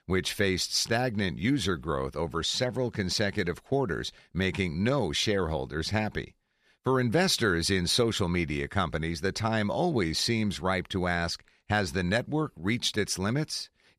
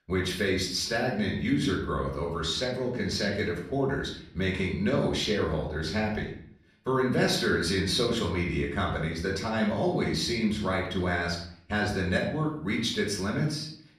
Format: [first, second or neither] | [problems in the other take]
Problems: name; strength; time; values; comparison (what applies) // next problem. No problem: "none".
first | off-mic speech; far // room echo; noticeable; dies away in 0.6 s